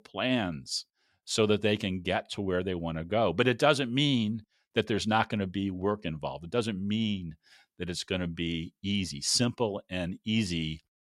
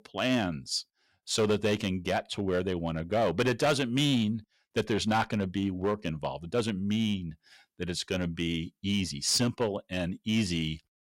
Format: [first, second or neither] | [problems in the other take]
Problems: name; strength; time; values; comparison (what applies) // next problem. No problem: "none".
first | distortion; slight; 4% of the sound clipped